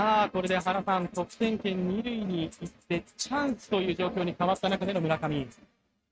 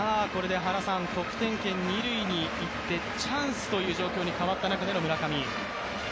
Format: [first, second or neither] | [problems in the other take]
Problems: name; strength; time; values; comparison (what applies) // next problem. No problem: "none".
second | noise reduction (neural mask model RNNoise)